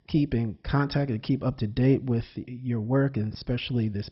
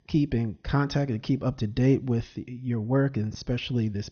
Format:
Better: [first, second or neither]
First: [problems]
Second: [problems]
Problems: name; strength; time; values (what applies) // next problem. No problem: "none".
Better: second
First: garbled, watery; badly; nothing above 5.5 kHz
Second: garbled, watery; slightly; nothing above 6.5 kHz